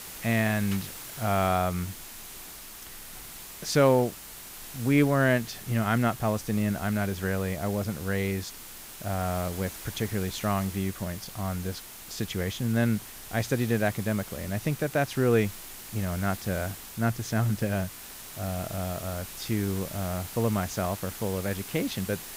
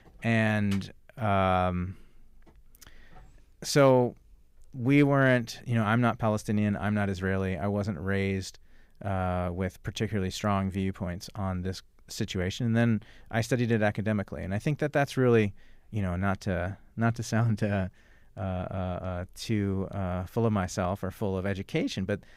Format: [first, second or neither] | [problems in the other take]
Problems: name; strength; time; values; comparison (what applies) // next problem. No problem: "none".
second | hiss; noticeable; throughout; 10 dB below the speech